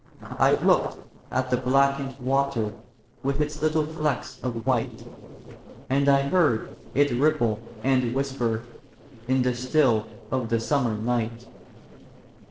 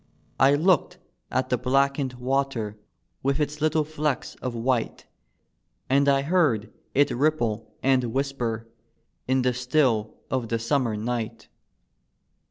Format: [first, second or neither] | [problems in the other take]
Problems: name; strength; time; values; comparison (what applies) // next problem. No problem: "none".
second | noise reduction (neural separator model SepFormer DNS4)